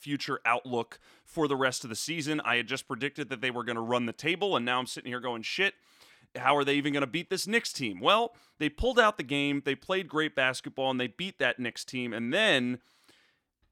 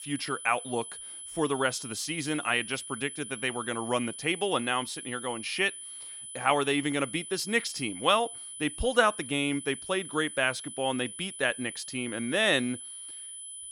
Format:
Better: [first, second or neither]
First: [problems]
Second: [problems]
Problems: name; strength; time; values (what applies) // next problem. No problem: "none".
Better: first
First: none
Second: high-pitched whine; noticeable; throughout; 10 kHz, 10 dB below the speech